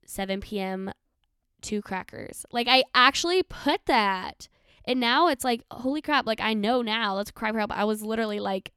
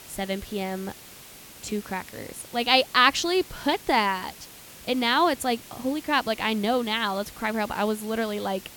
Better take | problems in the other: first | hiss; noticeable; throughout; 20 dB below the speech

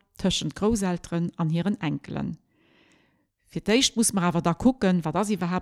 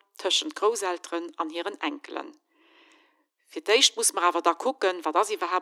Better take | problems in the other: first | thin; very; fading below 300 Hz

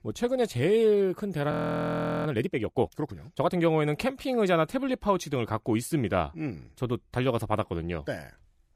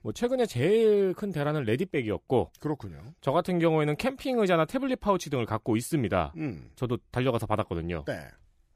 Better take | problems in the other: second | audio freezing; at 1.5 s for 0.5 s

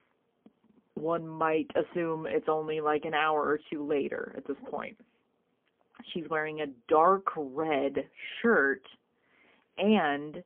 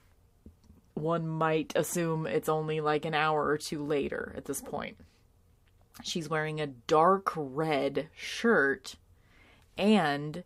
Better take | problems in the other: second | phone-call audio; poor line; nothing above 3.5 kHz

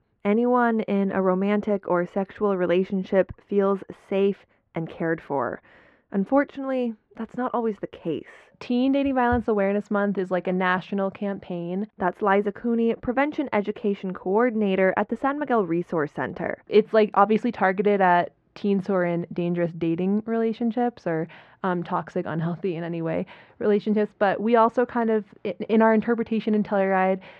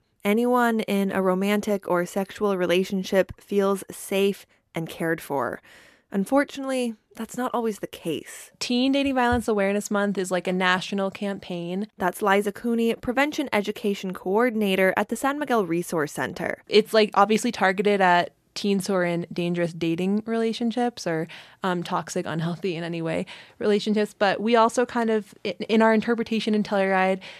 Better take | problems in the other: second | muffled; very; fading above 1.5 kHz

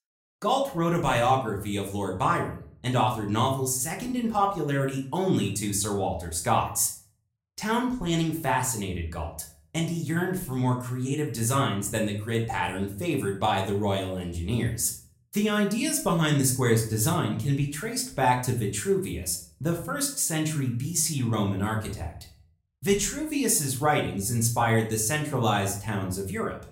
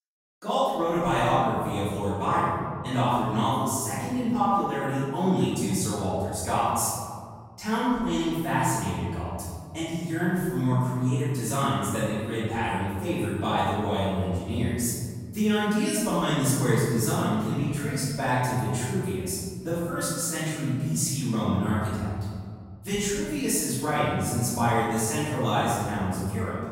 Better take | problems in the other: first | room echo; strong; dies away in 2 s; slight in the first // off-mic speech; far; somewhat distant in the first

